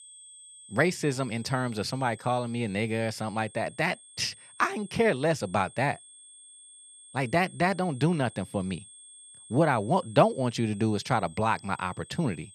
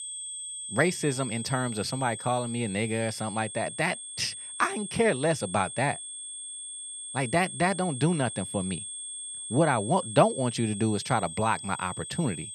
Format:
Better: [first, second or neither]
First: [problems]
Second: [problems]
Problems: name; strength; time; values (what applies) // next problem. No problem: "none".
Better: first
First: high-pitched whine; faint; throughout; 8.5 kHz, 20 dB below the speech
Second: high-pitched whine; loud; throughout; 8.5 kHz, 8 dB below the speech